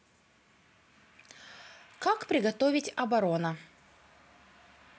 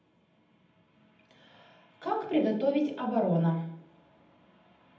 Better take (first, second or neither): first